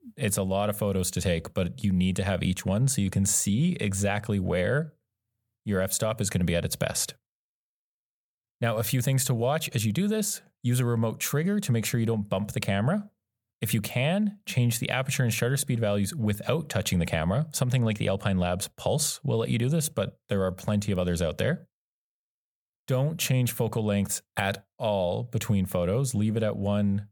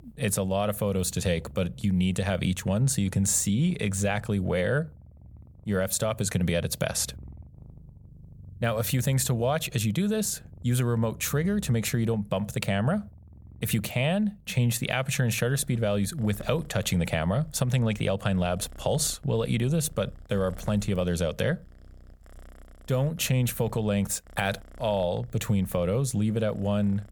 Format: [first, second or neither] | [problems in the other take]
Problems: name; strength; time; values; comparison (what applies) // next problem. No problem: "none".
first | animal sounds; faint; throughout; 20 dB below the speech